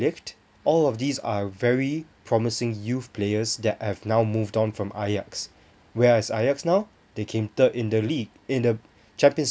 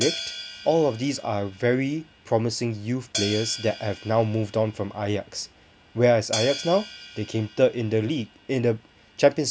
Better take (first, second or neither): first